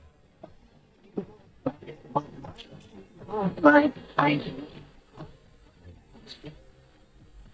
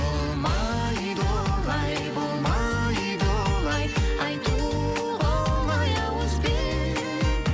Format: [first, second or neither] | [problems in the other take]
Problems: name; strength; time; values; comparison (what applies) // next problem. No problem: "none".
second | noise reduction (neural mask model DeepFilterNet 3)